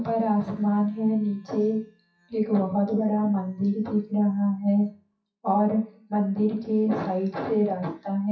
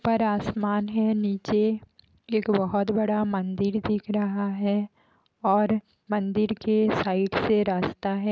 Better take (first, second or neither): second